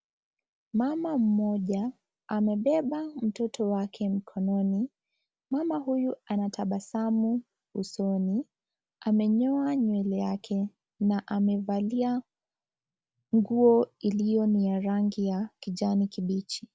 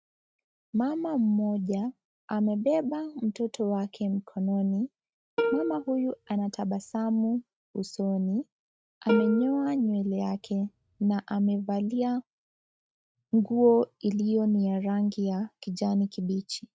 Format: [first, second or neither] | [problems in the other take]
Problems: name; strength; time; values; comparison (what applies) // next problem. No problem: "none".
first | noise reduction (neural mask model RNNoise)